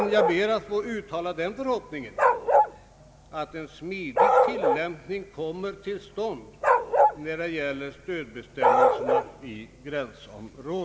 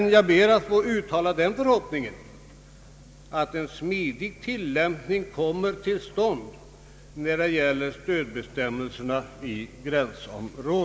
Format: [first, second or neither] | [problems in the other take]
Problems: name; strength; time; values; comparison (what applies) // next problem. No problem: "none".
second | background sound (Bark); 5 dB above the speech